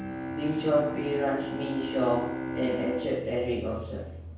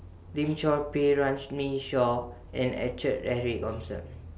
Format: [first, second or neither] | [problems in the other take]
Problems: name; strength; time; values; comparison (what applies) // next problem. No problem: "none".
second | background sound (Bowed string instrument); 6 dB below the speech // room echo; dies away in 0.7 s